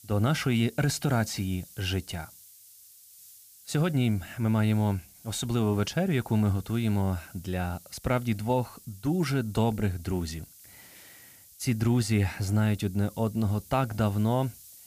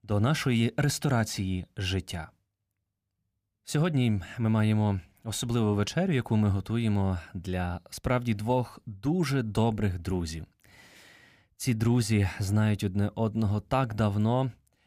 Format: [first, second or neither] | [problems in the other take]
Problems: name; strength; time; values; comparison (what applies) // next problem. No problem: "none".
second | hiss; faint; throughout; 20 dB below the speech